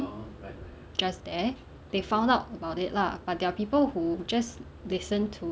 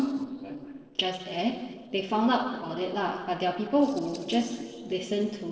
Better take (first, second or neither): first